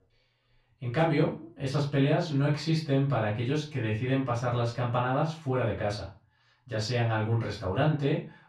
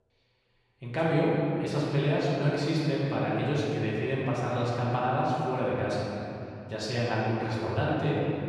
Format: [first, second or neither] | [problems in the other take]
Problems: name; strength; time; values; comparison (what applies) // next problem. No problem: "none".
first | room echo; strong; dies away in 2.7 s; slight in the first // off-mic speech; far; far in the first